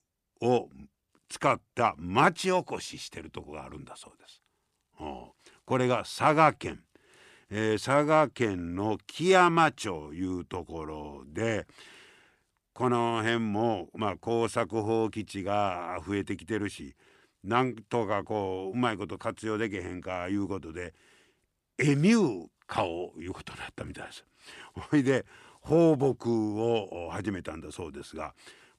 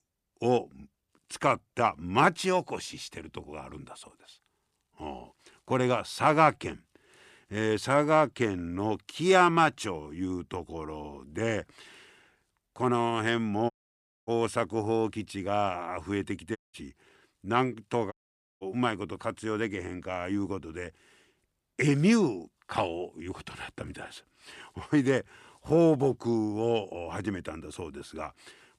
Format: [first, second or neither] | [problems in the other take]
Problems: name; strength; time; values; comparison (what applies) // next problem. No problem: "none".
first | audio cutting out; at 14 s for 0.5 s, at 17 s and at 18 s